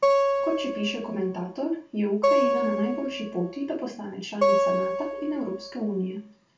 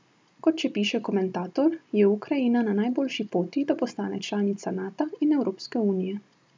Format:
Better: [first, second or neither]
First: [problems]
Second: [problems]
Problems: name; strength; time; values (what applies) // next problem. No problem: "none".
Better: second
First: background sound (Acoustic guitar); 3 dB above the speech // room echo; dies away in 0.3 s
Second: none